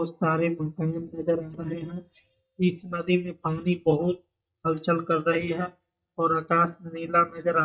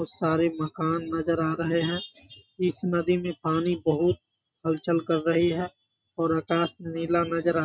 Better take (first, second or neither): second